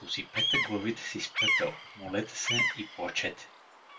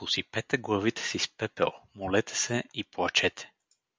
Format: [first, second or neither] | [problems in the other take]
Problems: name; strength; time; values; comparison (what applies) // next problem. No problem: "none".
second | background sound (Bird vocalization, bird call, bird song); 2 dB above the speech // room echo; dies away in 0.2 s